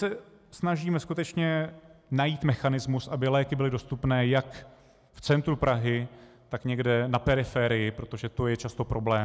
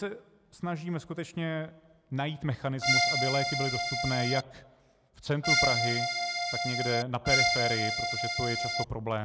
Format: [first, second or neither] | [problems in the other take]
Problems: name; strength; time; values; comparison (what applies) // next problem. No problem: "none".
first | background sound (Accordion); 5 dB above the speech